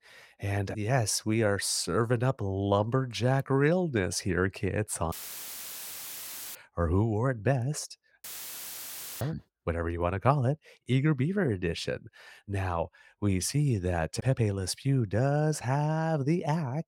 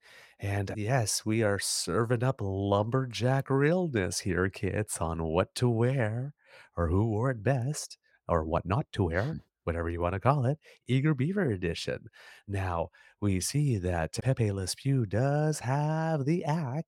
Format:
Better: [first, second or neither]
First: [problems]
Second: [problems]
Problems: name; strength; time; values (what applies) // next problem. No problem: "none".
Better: second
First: audio cutting out; filled with static; at 5 s for 1.5 s and at 8 s for 1 s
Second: none